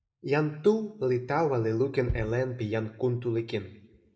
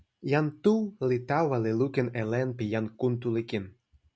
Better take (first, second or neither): second